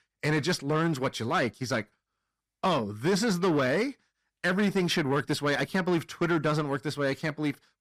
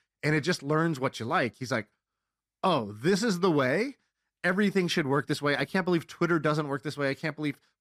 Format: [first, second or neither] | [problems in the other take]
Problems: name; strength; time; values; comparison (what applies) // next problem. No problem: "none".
second | distortion; slight; 10 dB below the speech